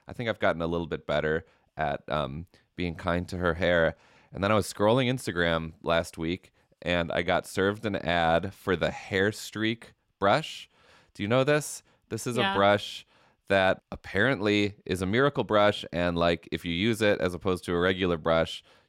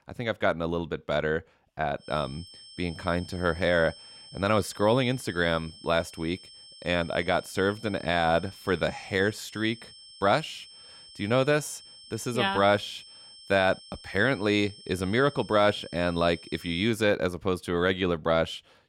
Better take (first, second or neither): first